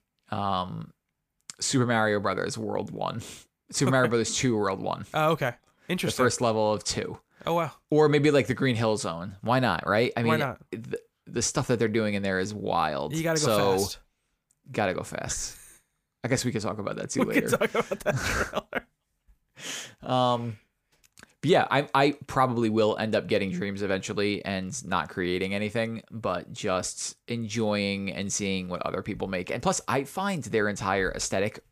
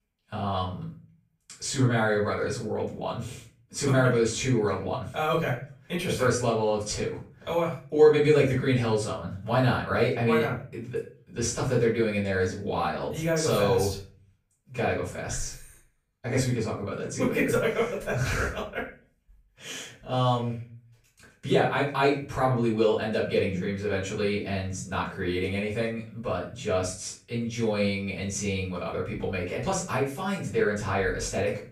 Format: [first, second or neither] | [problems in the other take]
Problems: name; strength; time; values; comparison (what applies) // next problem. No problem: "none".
first | off-mic speech; far // room echo; slight; dies away in 0.4 s